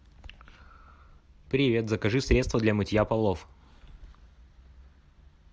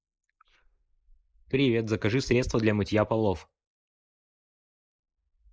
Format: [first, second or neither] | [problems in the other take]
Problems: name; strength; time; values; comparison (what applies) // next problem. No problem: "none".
first | noise reduction (neural mask model Resemble Enhance denoiser)